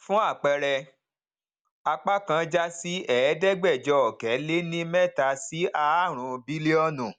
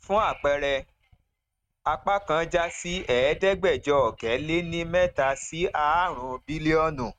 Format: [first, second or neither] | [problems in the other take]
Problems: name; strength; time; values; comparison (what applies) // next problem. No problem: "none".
first | noise reduction (neural mask model RNNoise)